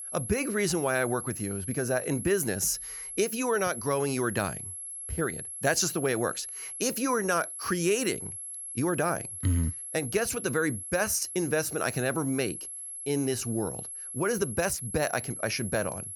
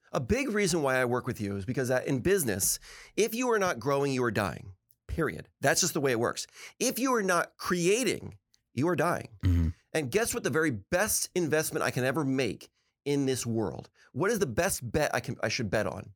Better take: second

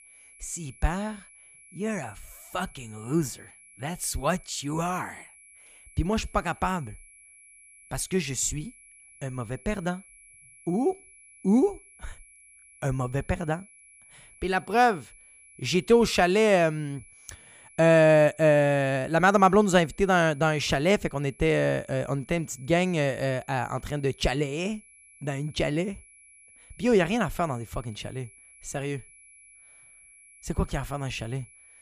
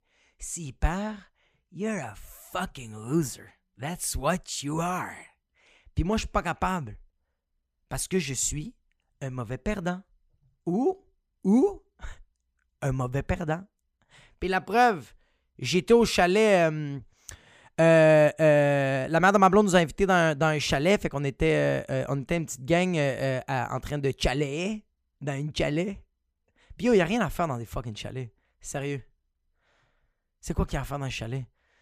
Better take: second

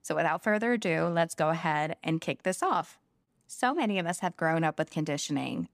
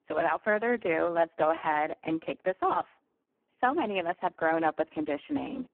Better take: first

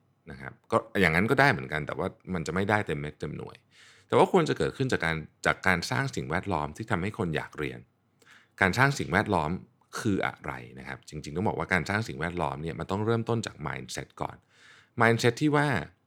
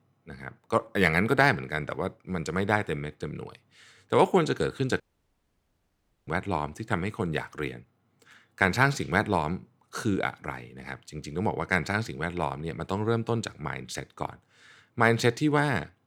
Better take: first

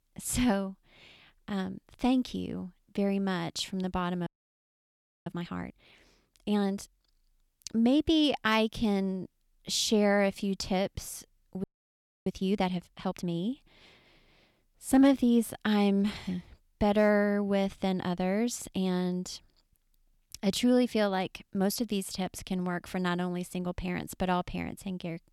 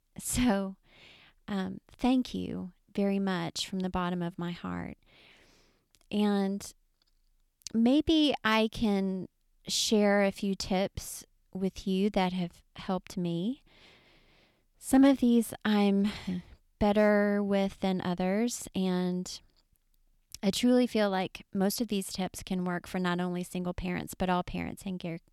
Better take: second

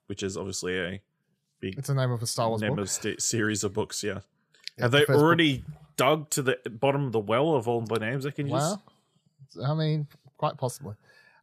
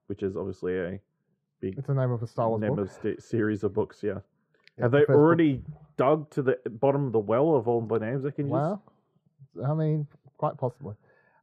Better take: first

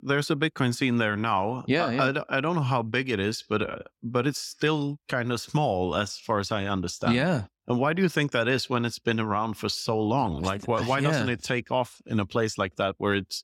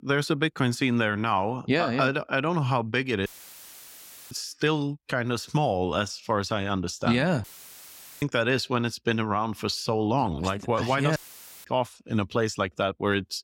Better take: first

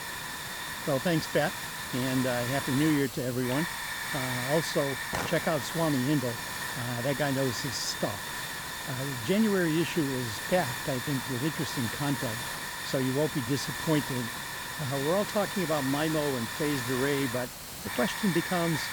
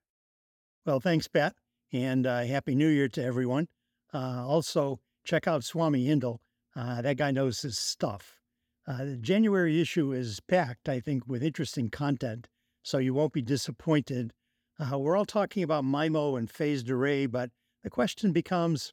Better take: second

